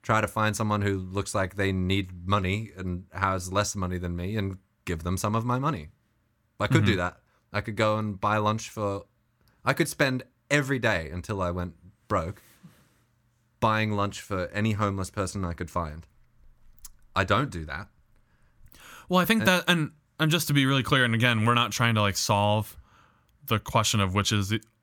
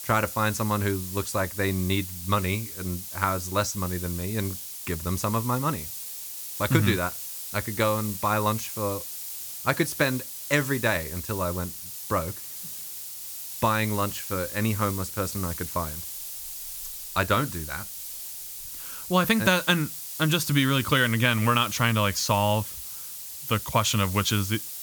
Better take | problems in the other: first | hiss; loud; throughout; 8 dB below the speech

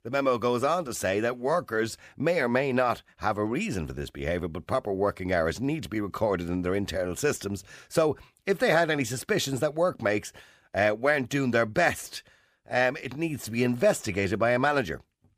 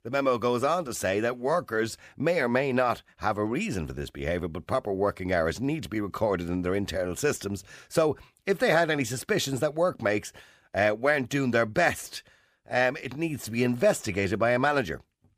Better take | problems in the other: neither | none

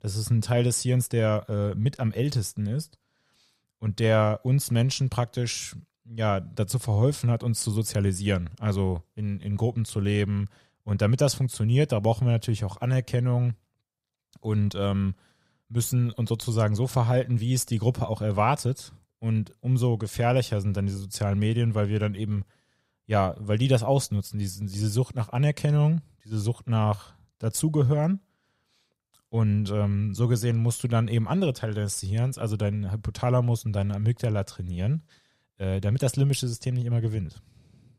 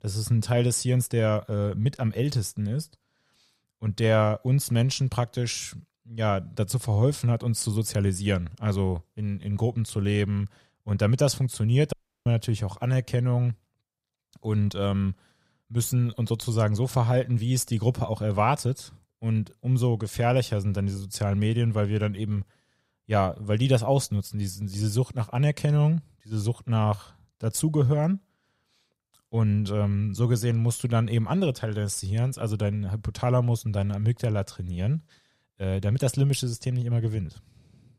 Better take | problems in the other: first | audio cutting out; at 12 s

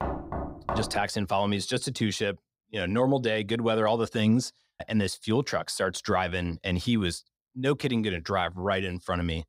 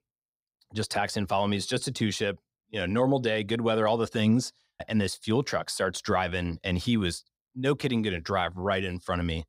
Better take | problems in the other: second | door banging; noticeable; until 1 s; peak 5 dB below the speech

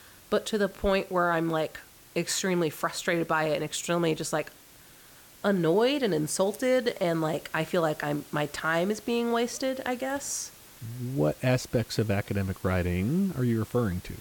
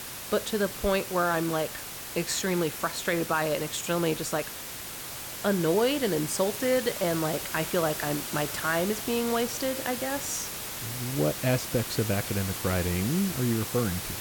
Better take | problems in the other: first | hiss; loud; throughout; 6 dB below the speech; faint in the first

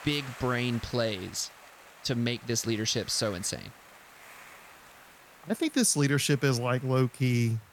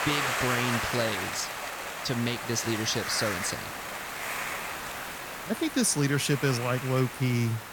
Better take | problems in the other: first | hiss; loud; throughout; 4 dB below the speech; faint in the first

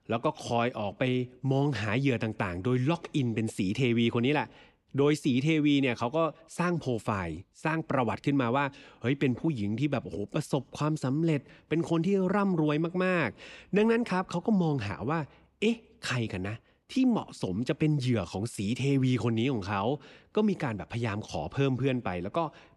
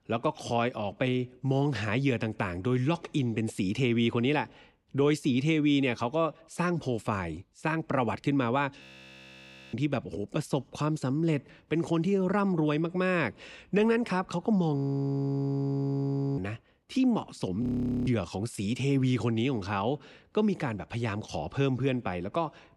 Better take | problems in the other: first | audio freezing; at 9 s for 1 s, at 15 s for 1.5 s and at 18 s

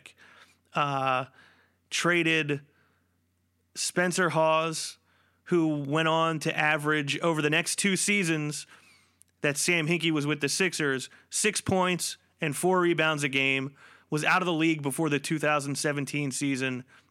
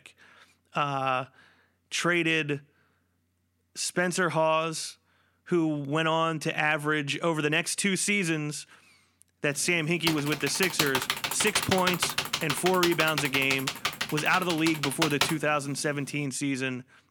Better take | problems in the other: first | keyboard typing; loud; from 10 to 15 s; peak 1 dB above the speech

